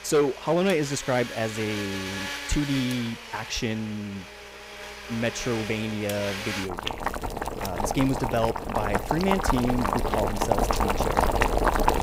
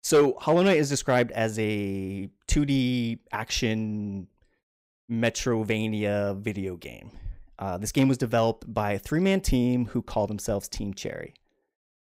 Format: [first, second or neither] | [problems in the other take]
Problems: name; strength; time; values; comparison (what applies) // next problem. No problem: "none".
second | household noises; loud; throughout; 1 dB below the speech